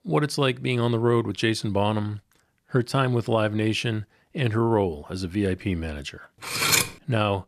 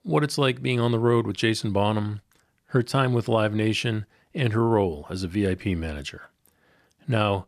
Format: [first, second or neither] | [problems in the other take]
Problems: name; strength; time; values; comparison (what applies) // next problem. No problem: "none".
second | clattering dishes; loud; at 6.5 s; peak 5 dB above the speech